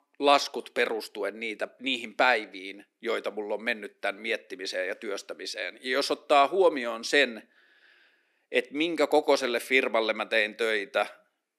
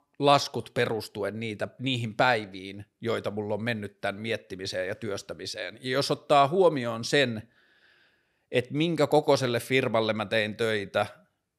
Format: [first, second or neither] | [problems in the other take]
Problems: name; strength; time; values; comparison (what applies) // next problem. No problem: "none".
second | thin; very slightly; fading below 250 Hz